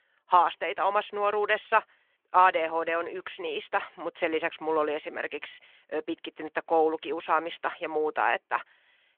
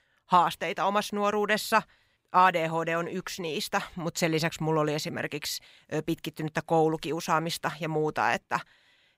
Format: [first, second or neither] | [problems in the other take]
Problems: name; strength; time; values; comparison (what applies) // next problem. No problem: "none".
second | phone-call audio